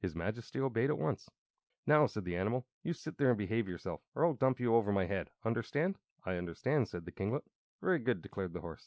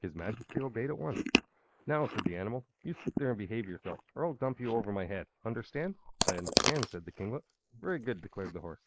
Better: first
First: none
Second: noise reduction (neural mask model Resemble Enhance denoiser)

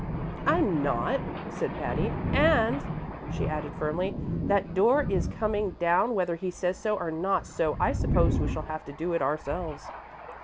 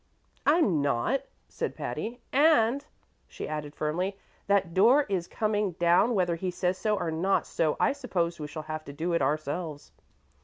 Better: second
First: background sound (Thunder); 3 dB below the speech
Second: none

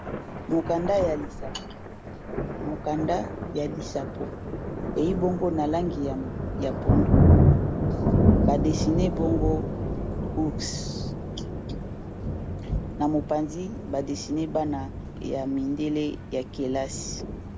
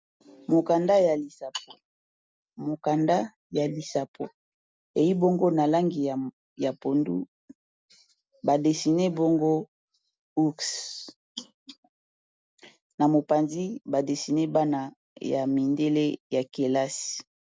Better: second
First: background sound (Thunder); 3 dB above the speech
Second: none

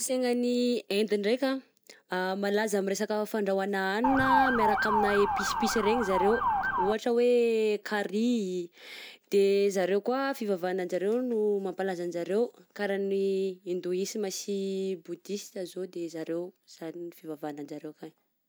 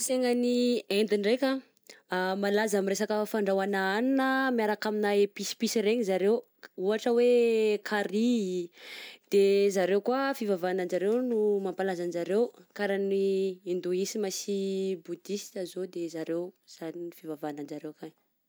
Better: second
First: background sound (Motor vehicle (road) / Siren); 1 dB above the speech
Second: none

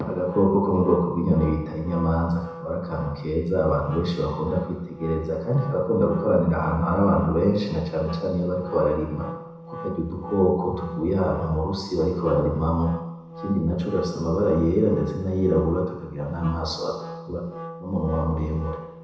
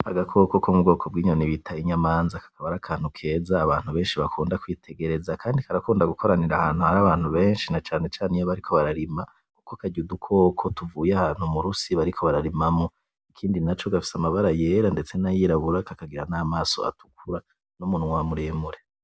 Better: second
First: background sound (Wind instrument, woodwind instrument); 15 dB below the speech // room echo; dies away in 1 s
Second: none

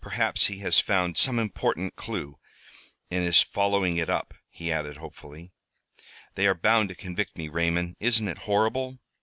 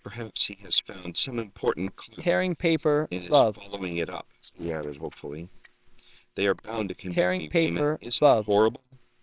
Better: first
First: none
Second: noise reduction (neural separator model SepFormer WHAMR!)

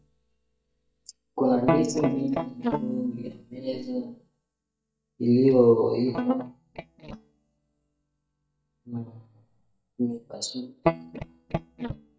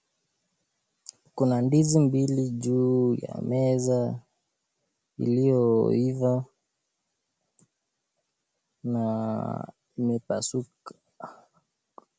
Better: second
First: noise reduction (neural mask model DeepFilterNet 3)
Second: none

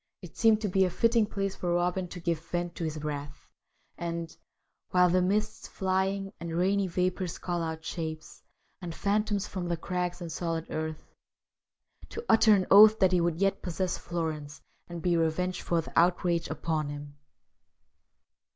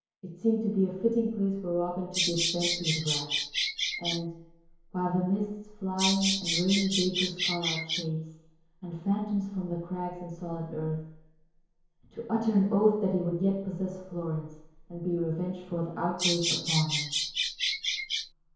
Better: first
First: none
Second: background sound (Bird vocalization, bird call, bird song); as loud as the speech // room echo; dies away in 1 s

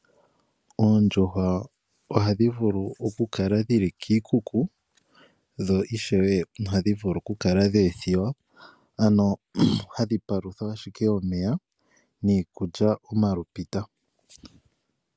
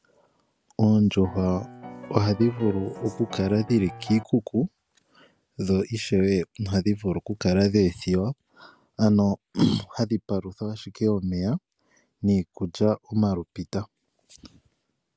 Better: first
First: none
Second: background sound (Piano); 15 dB below the speech

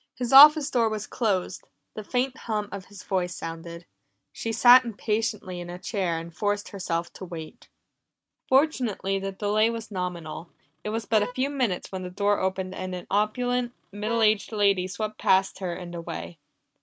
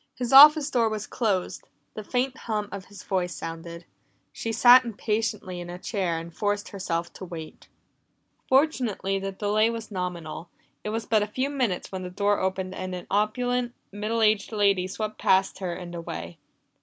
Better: second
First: noise reduction (neural mask model RNNoise)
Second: none

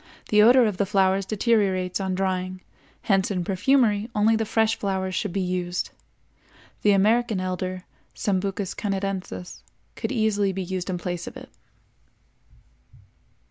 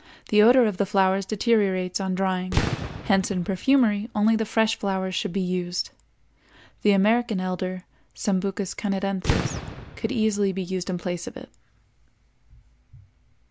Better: first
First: none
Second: background sound (Fireworks); 6 dB below the speech

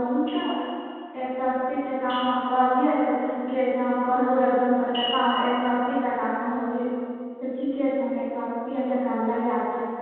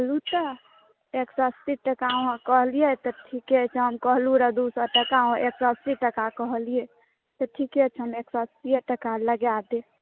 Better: second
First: room echo; dies away in 2.1 s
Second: none

